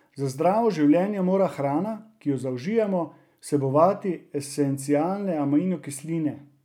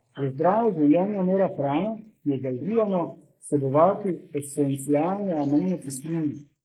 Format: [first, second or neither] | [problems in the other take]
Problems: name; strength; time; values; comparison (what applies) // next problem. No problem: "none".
first | noise reduction (neural mask model Resemble Enhance denoiser)